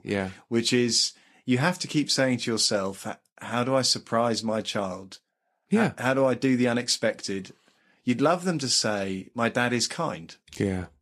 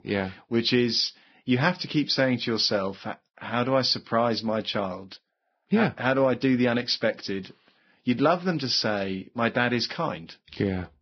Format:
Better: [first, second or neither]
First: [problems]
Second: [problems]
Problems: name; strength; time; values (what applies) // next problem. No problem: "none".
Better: first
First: garbled, watery; slightly; nothing above 11 kHz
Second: garbled, watery; badly; nothing above 5.5 kHz